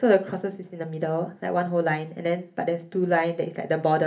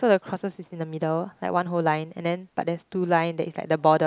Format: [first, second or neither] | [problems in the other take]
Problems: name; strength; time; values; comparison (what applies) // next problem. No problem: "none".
second | room echo; dies away in 0.3 s